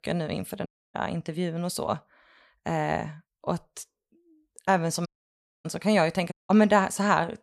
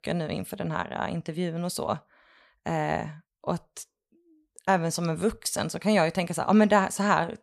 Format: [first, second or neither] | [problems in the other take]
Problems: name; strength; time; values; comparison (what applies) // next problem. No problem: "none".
second | audio cutting out; at 0.5 s, at 5 s for 0.5 s and at 6.5 s